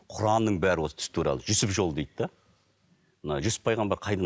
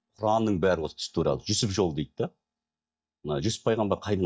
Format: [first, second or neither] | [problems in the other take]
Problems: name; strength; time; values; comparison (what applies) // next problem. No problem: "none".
first | noise reduction (neural mask model DeepFilterNet 3)